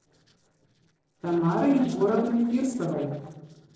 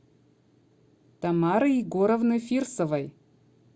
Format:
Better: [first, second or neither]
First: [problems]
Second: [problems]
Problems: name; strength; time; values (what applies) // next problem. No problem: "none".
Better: second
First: noise reduction (neural separator model SepFormer DNS4)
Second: none